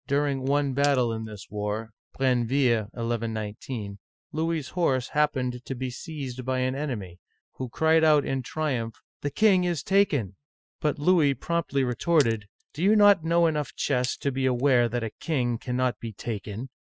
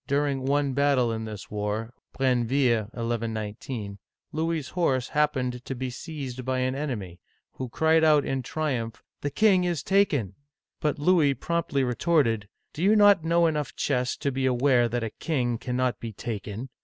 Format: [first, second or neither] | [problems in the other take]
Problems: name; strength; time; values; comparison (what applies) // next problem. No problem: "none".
second | noise reduction (classical method Wiener filter)